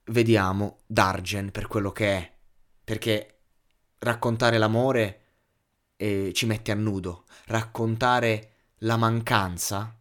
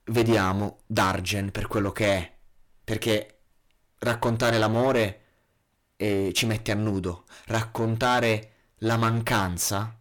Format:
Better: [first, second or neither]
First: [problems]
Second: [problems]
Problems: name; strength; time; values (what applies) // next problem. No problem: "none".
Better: first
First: none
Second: distortion; heavy; 9% of the sound clipped